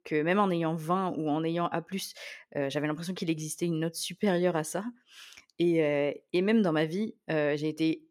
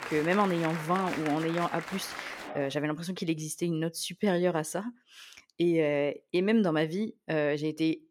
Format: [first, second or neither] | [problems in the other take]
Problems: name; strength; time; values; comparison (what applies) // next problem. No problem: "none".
first | crowd noise; loud; until 2.5 s; 9 dB below the speech